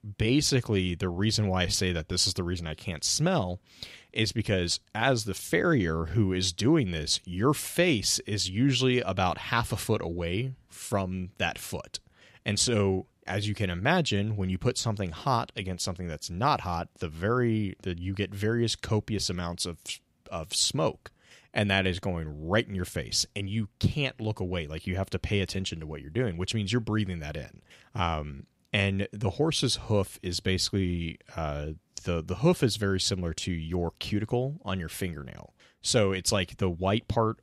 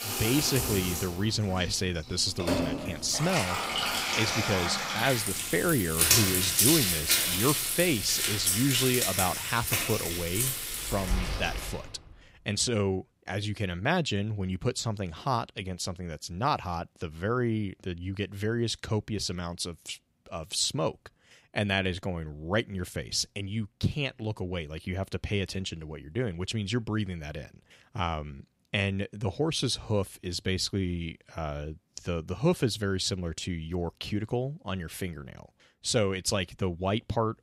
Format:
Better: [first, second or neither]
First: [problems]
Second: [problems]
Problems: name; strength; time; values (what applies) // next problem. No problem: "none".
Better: first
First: none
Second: household noises; very loud; until 12 s; 3 dB above the speech